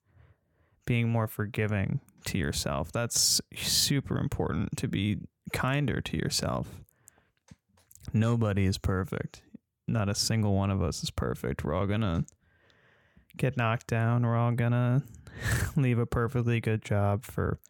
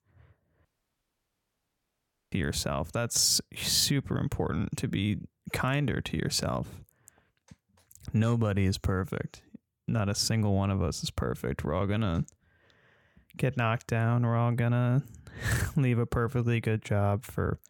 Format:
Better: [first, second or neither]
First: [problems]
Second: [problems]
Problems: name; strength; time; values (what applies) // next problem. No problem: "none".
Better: first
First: none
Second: audio cutting out; at 0.5 s for 1.5 s